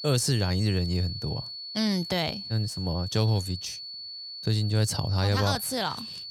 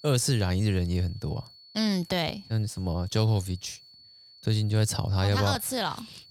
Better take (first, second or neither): second